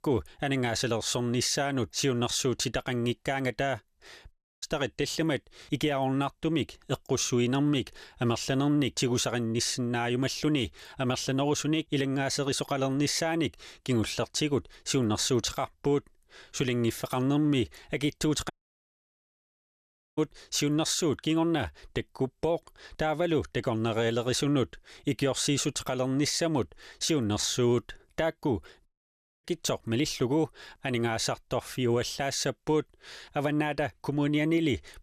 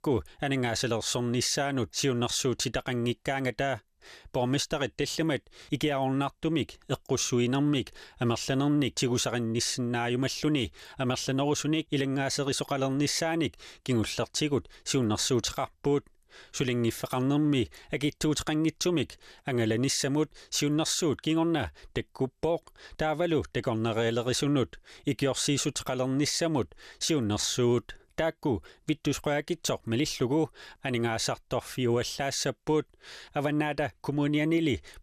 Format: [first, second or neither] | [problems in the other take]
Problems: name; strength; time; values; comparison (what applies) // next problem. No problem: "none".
second | audio cutting out; at 4.5 s, at 19 s for 1.5 s and at 29 s for 0.5 s